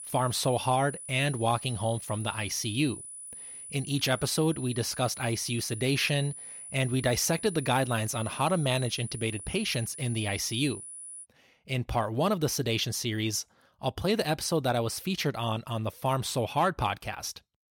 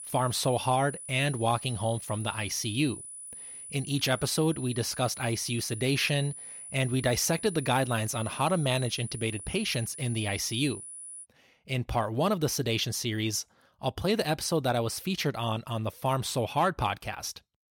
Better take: neither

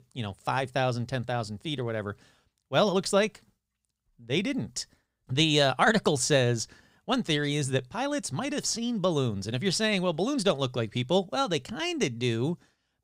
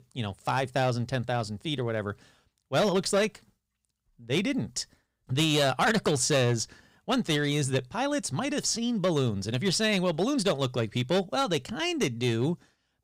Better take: first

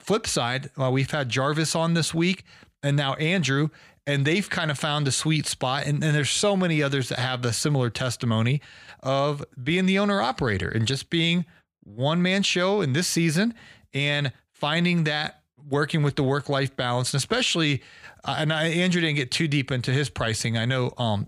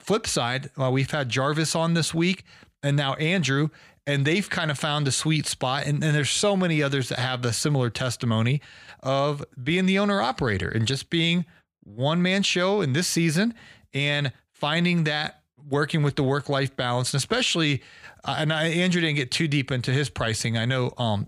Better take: neither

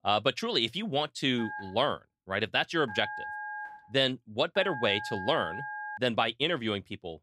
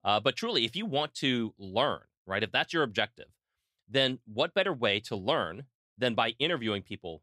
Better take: second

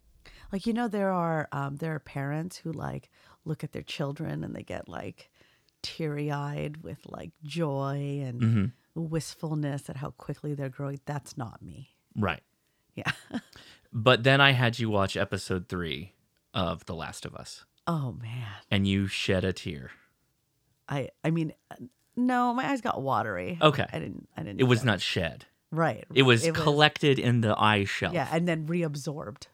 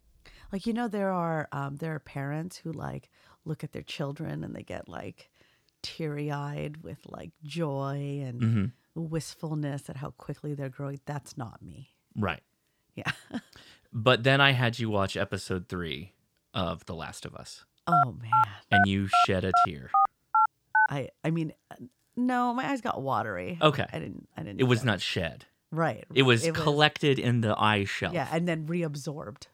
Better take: first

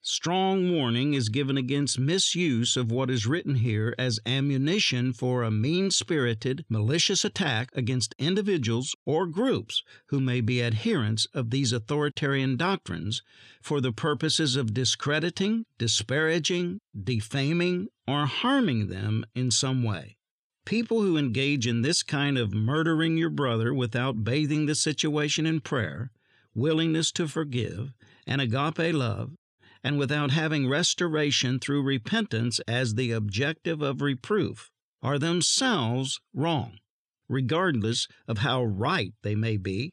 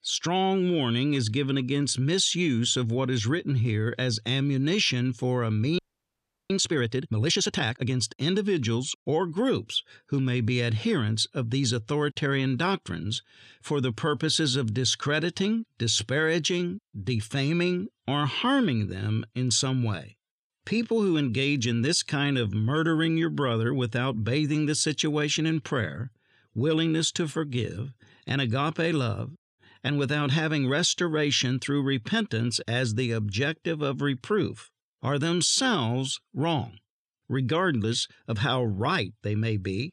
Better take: first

